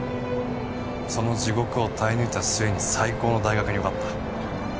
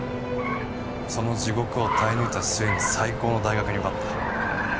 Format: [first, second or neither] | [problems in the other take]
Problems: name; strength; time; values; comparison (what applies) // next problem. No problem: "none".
first | background sound (Car); 5 dB below the speech